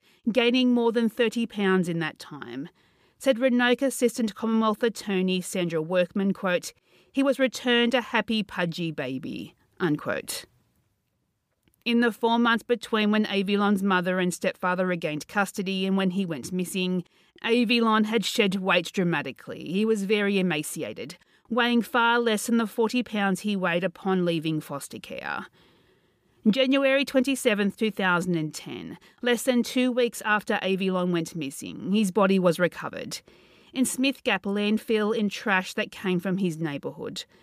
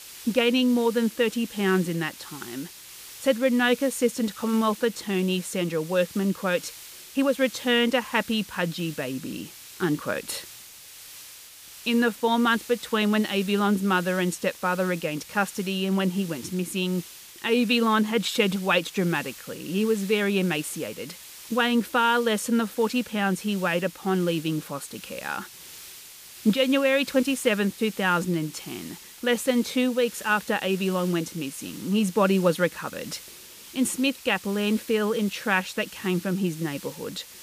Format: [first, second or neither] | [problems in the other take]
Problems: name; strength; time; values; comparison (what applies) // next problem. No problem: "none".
first | hiss; noticeable; throughout; 15 dB below the speech